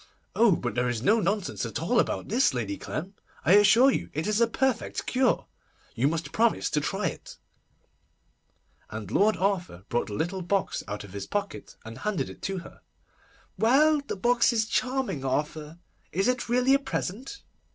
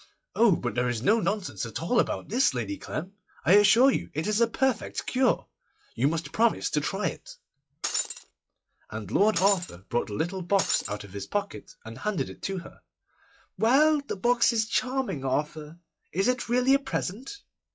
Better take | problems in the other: first | noise reduction (classical method log-MMSE)

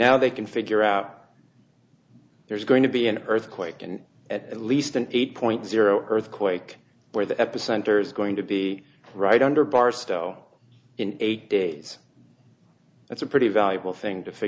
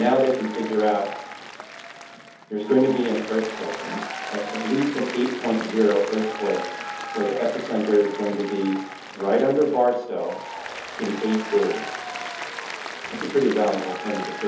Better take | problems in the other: first | background sound (Applause); 10 dB below the speech // room echo; dies away in 0.6 s

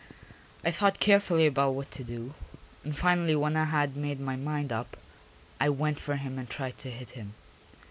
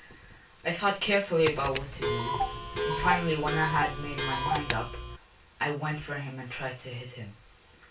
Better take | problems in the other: first | background sound (Clock); 1 dB below the speech // room echo; dies away in 0.2 s

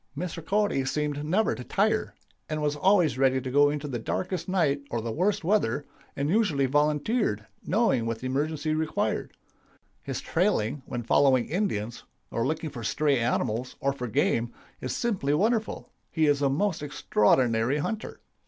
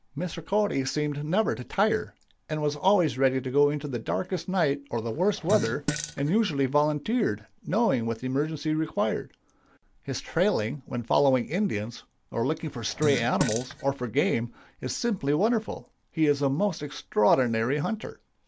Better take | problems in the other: first | background sound (Fart); 8 dB below the speech

